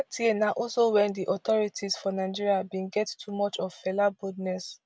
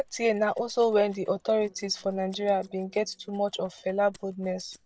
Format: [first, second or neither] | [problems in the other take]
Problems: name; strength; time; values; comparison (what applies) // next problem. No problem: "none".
first | noise reduction (neural separator model SepFormer DNS4)